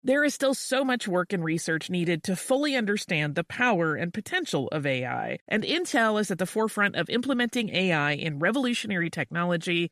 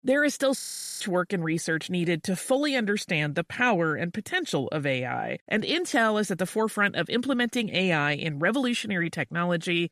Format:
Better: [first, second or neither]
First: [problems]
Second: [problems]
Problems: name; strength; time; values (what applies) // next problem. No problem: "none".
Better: first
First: none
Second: audio freezing; at 0.5 s